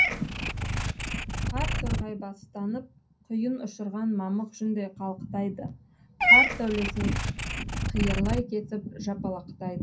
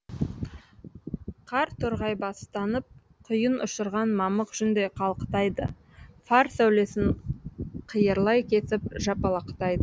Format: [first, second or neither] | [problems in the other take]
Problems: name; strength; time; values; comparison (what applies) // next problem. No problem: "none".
second | background sound (Meow / Purr); 2 dB above the speech // room echo; dies away in 0.3 s